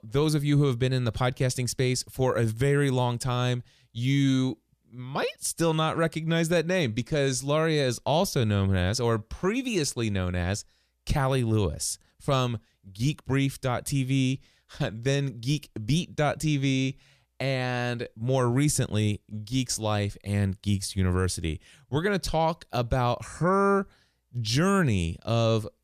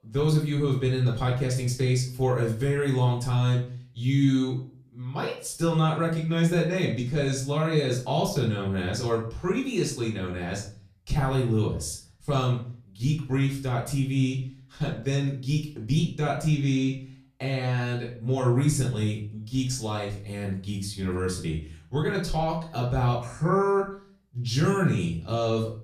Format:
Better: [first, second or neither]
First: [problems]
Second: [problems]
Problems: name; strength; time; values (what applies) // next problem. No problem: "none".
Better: first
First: none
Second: off-mic speech; far // room echo; slight; dies away in 0.4 s